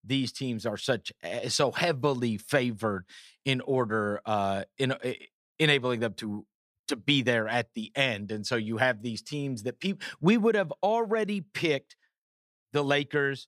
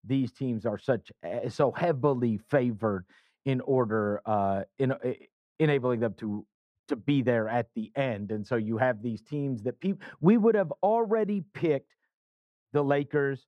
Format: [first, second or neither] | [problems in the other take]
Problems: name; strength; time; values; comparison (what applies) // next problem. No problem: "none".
first | muffled; very; fading above 2 kHz